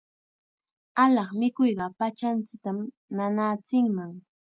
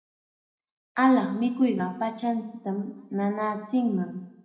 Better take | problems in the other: first | room echo; dies away in 0.9 s

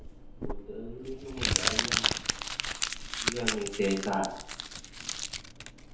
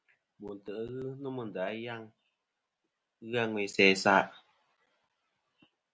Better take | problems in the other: second | background sound (Crumpling, crinkling); 4 dB above the speech // room echo; dies away in 2.1 s

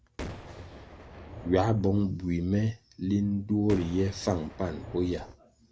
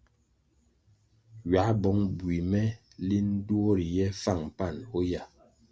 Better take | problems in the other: second | background sound (Boom); 13 dB below the speech

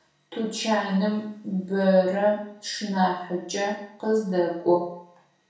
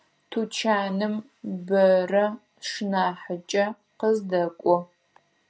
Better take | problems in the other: second | room echo; dies away in 0.6 s

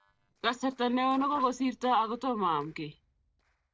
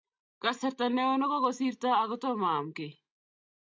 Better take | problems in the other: second | noise reduction (neural separator model SepFormer DNS4)

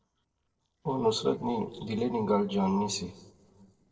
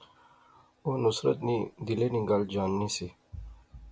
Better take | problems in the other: second | noise reduction (neural separator model SepFormer DNS4)

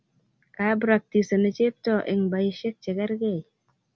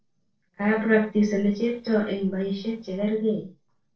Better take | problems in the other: first | noise reduction (neural separator model SepFormer DNS4)

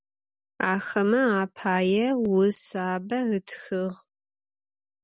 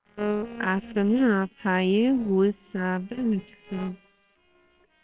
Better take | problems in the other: first | noise reduction (neural separator model SepFormer WHAMR!)

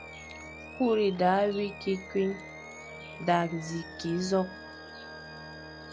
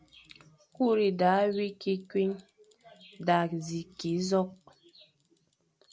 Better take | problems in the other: second | background sound (Organ + Animal); 13 dB below the speech

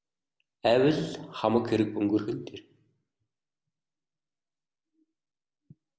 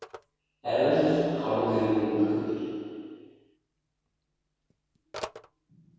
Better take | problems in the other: first | background sound (Telephone); 20 dB below the speech // room echo; dies away in 2.2 s

